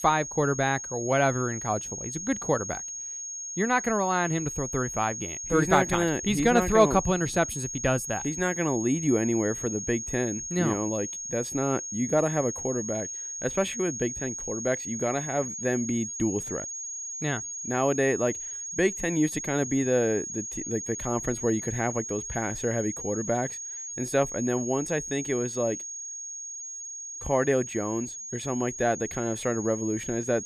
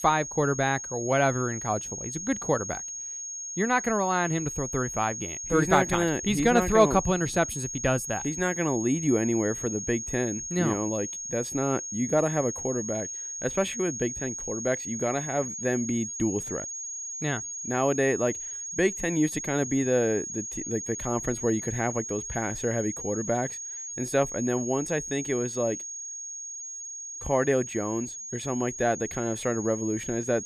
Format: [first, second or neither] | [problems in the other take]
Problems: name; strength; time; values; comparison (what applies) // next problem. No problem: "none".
neither | high-pitched whine; loud; throughout; 6.5 kHz, 6 dB below the speech; the same in both